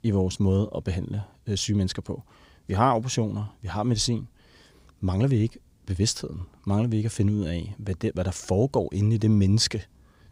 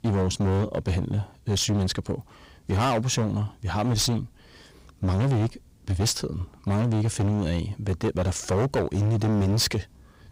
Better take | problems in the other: first | distortion; heavy; 19% of the sound clipped

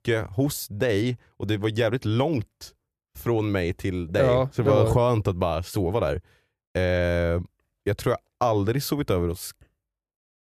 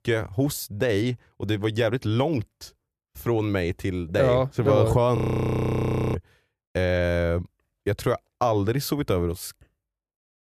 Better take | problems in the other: first | audio freezing; at 5 s for 1 s

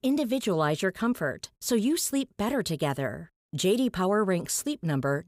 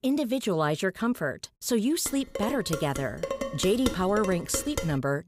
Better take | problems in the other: first | clattering dishes; noticeable; from 2 s on; peak 5 dB below the speech

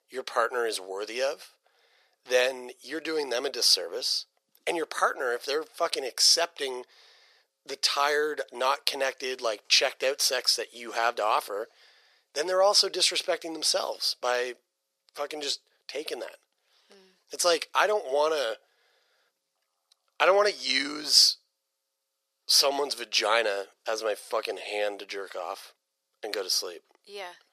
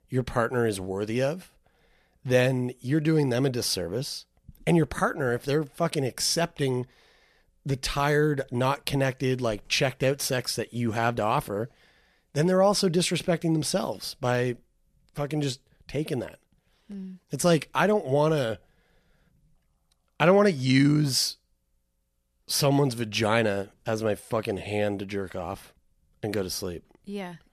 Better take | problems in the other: second | thin; very; fading below 450 Hz

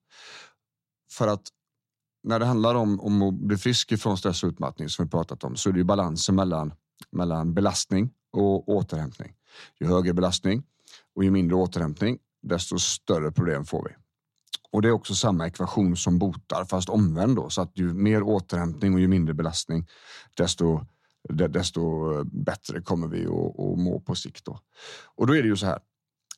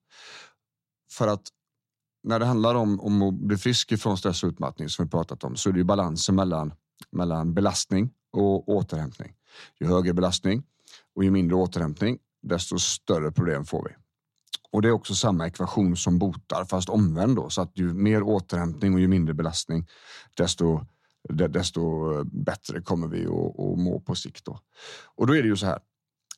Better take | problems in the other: neither | none

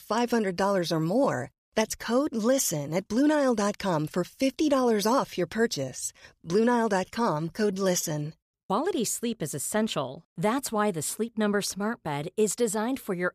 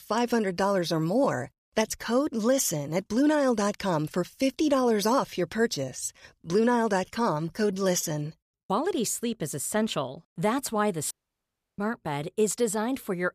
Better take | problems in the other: first | audio cutting out; at 11 s for 0.5 s

